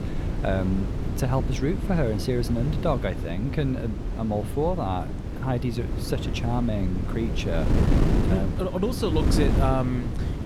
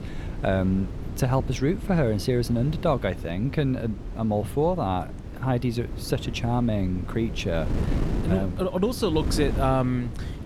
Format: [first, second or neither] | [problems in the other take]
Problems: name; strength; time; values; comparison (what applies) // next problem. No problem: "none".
second | wind noise on the microphone; heavy; 5 dB below the speech; occasional gusts in the second